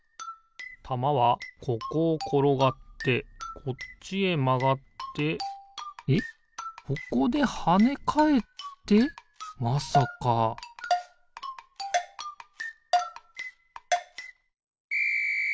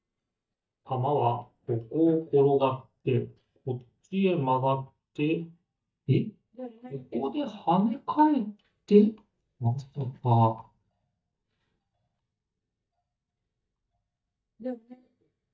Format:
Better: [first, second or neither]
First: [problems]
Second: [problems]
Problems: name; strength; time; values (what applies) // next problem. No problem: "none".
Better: first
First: none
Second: noise reduction (neural mask model DeepFilterNet 3)